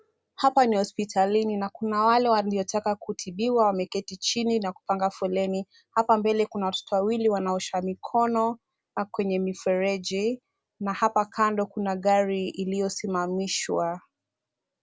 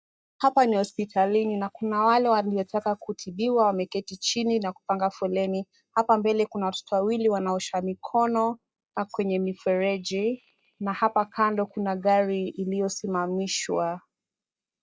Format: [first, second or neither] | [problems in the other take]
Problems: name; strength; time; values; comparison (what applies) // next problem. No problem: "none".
first | noise reduction (neural mask model DeepFilterNet 3)